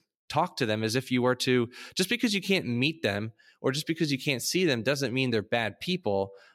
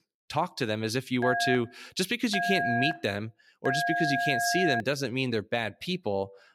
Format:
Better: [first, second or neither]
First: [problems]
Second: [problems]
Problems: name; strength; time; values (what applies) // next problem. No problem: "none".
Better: first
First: none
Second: phone ringing; loud; from 1 to 5 s; peak 2 dB above the speech